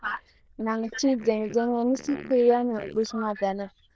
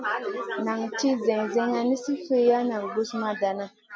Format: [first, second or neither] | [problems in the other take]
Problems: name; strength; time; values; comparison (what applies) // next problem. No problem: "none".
second | noise reduction (neural diffusion model UNIVERSE++)